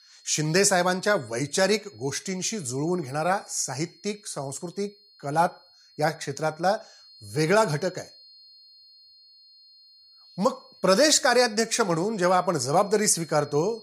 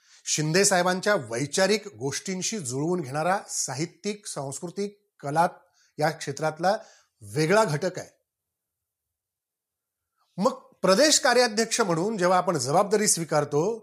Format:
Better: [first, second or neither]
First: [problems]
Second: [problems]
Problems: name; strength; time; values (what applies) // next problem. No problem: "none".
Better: second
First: high-pitched whine; faint; throughout; 4.5 kHz, 25 dB below the speech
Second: none